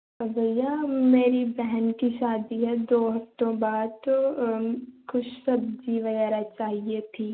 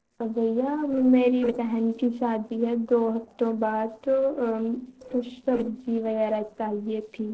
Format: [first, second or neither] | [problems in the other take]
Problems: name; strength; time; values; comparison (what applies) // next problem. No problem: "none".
first | noise reduction (neural separator model SepFormer DNS4)